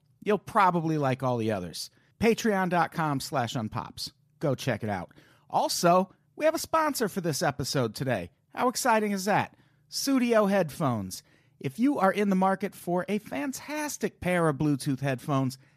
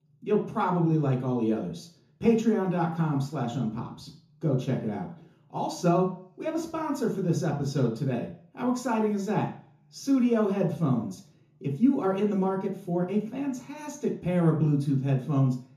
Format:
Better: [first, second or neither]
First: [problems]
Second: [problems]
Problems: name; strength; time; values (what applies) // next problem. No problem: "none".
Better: first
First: none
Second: room echo; slight; dies away in 0.6 s // off-mic speech; far